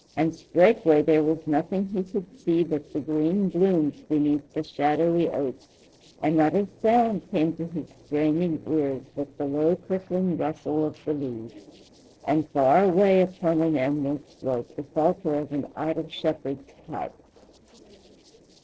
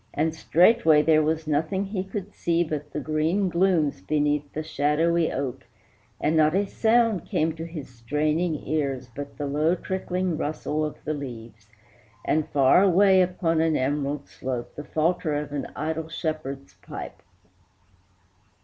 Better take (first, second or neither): second